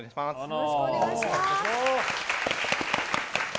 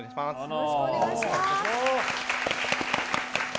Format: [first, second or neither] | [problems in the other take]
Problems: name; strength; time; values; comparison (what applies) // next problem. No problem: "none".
first | background sound (Wind instrument, woodwind instrument); 17 dB below the speech